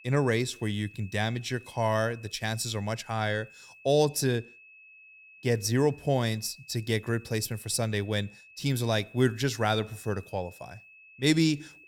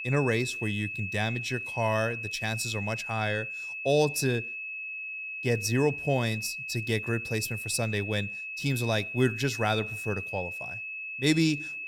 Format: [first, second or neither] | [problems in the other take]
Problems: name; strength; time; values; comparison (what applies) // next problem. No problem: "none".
first | high-pitched whine; loud; throughout; 2.5 kHz, 5 dB below the speech; faint in the first